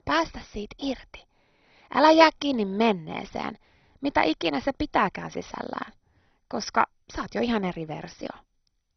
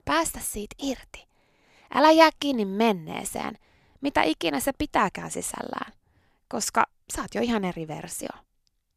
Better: second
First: garbled, watery; badly; nothing above 6 kHz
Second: none

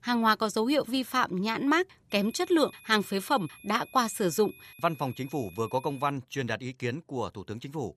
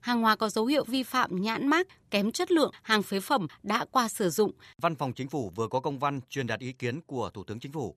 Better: second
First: high-pitched whine; faint; from 2 to 6 s; 2.5 kHz, 20 dB below the speech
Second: none

